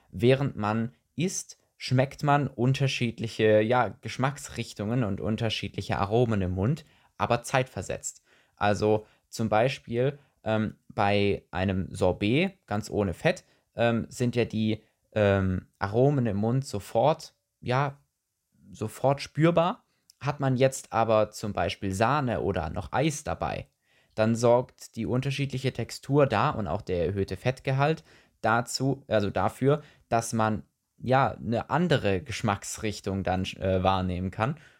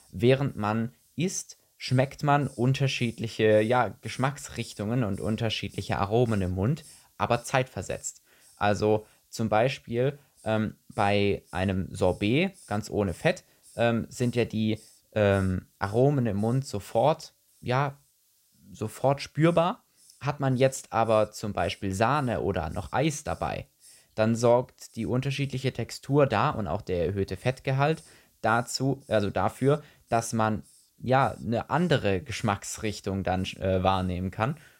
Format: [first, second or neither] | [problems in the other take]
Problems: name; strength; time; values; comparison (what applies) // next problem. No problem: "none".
first | hiss; faint; throughout; 30 dB below the speech